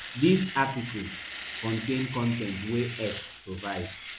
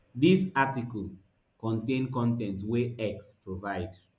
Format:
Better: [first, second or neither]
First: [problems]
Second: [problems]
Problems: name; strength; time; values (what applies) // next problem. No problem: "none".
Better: second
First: background sound (Domestic sounds, home sounds); 10 dB below the speech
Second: none